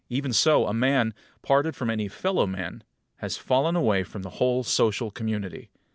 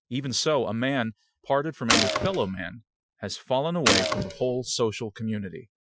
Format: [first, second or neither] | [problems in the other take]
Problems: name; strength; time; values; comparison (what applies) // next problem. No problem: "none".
first | noise reduction (classical method Wiener filter)